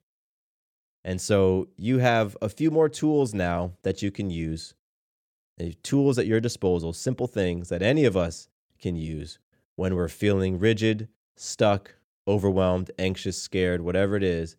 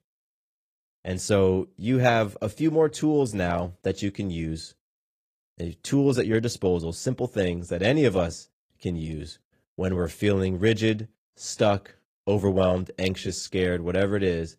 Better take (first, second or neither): first